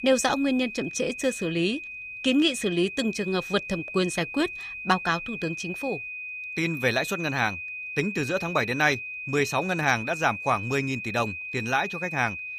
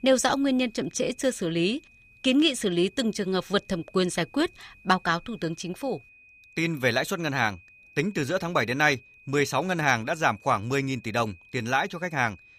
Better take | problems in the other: second | high-pitched whine; loud; throughout; 2.5 kHz, 7 dB below the speech; faint in the second

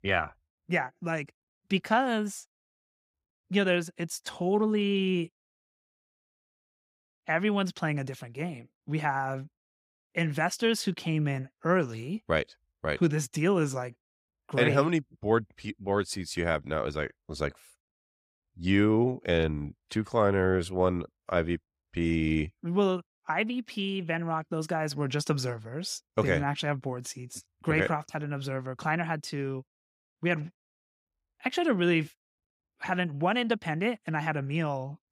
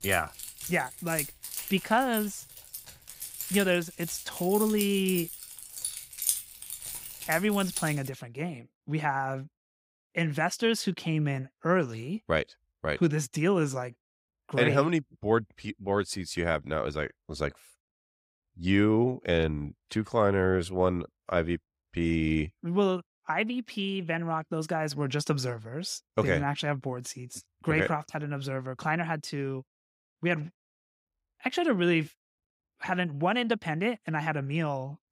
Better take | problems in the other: first | jangling keys; loud; until 8 s; peak 1 dB above the speech

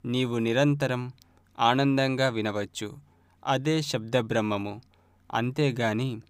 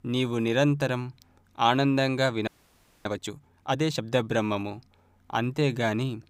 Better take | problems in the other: first | audio freezing; at 2.5 s for 0.5 s

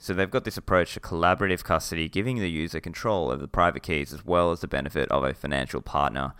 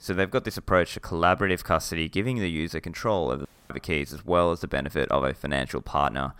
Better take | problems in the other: first | audio cutting out; at 3.5 s

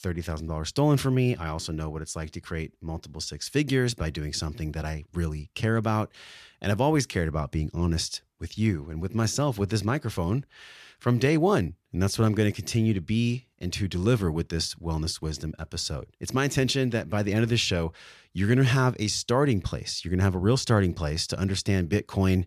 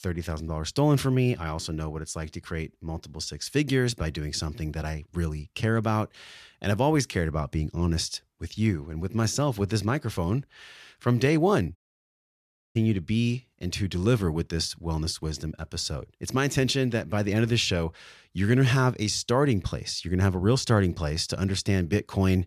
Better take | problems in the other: first | audio cutting out; at 12 s for 1 s

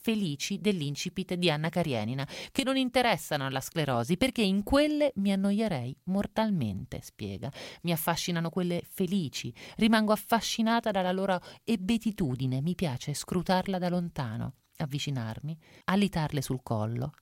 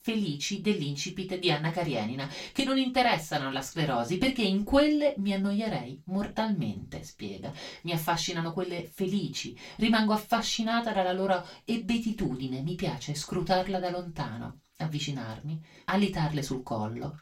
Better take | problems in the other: first | room echo; very slight; dies away in 0.2 s // off-mic speech; far

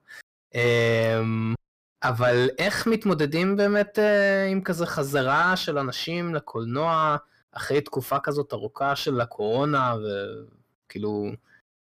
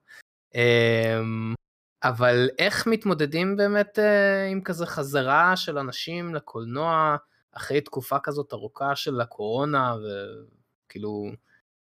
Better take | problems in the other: second | distortion; slight; 10 dB below the speech

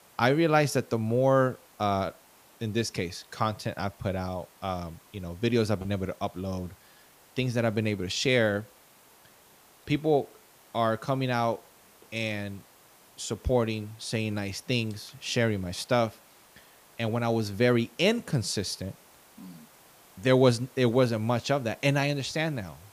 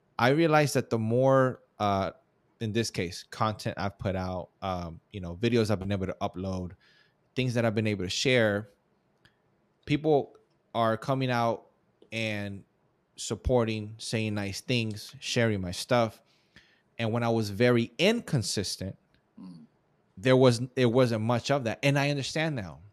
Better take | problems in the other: second | hiss; faint; throughout; 25 dB below the speech

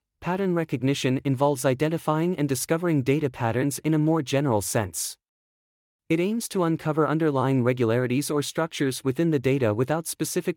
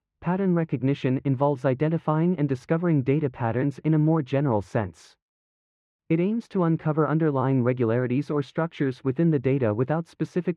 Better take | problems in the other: first | muffled; very; fading above 2 kHz

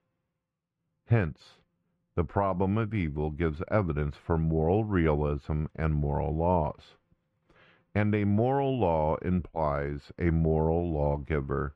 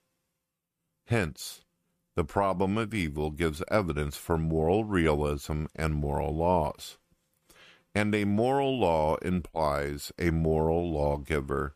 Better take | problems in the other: second | muffled; very; fading above 2 kHz

